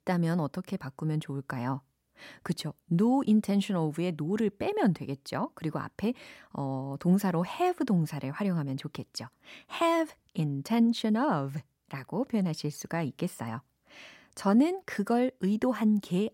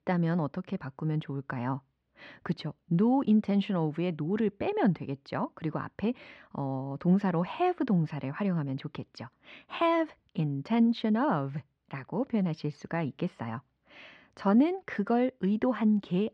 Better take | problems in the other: first | muffled; slightly; fading above 3.5 kHz

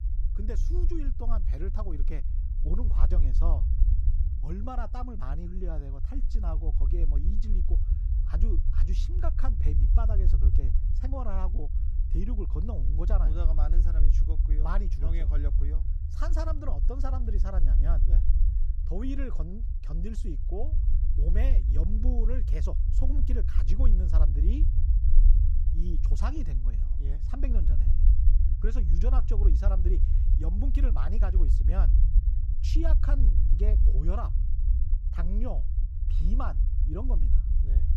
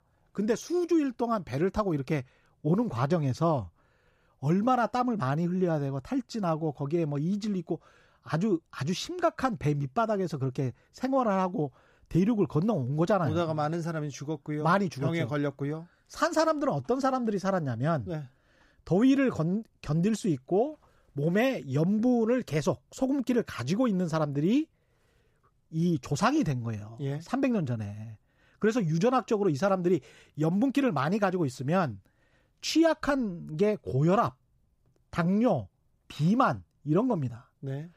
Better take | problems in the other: second | low rumble; loud; throughout; 6 dB below the speech

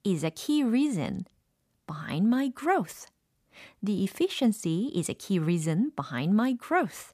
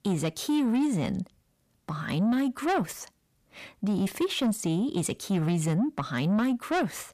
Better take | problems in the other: first | distortion; slight; 10 dB below the speech

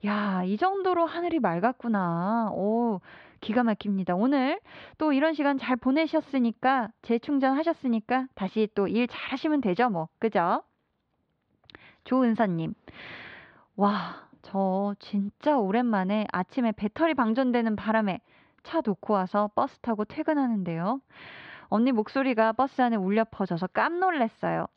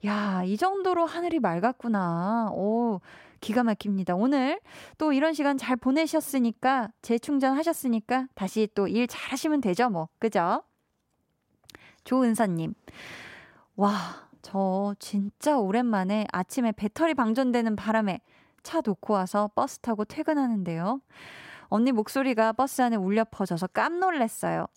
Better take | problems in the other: second | muffled; slightly; fading above 4 kHz

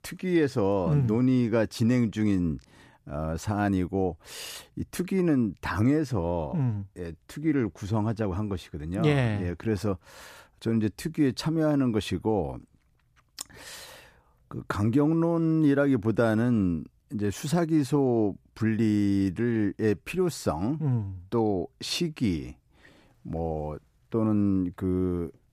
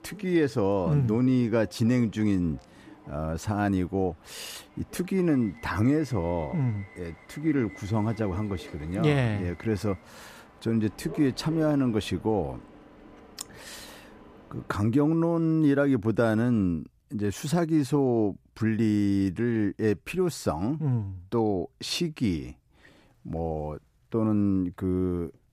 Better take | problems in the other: first | train or aircraft noise; faint; until 15 s; 20 dB below the speech

